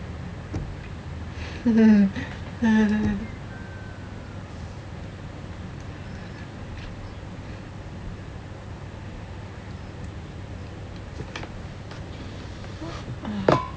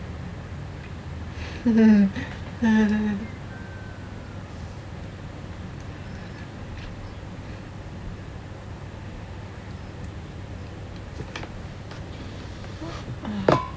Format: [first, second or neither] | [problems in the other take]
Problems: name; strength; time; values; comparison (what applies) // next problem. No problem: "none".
second | background sound (Knock); 14 dB below the speech